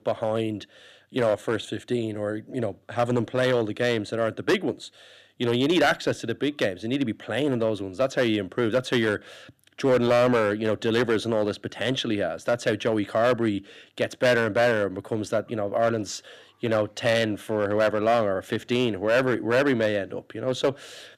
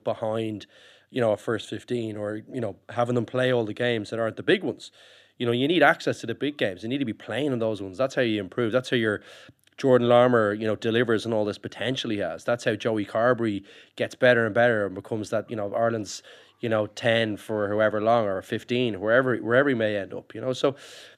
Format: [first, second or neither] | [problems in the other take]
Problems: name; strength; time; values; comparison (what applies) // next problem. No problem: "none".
second | distortion; slight; 4% of the sound clipped